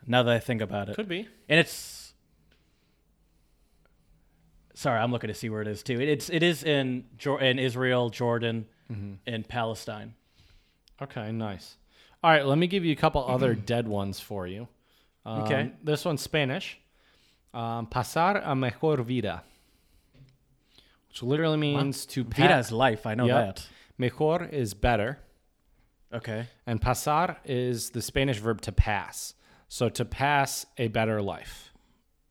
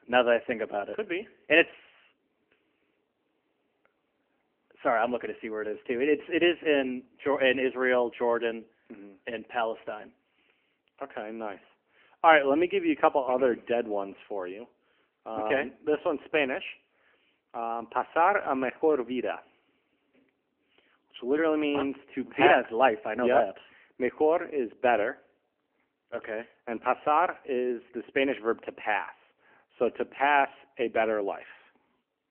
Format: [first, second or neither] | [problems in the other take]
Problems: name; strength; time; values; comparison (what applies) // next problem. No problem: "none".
first | phone-call audio; nothing above 3 kHz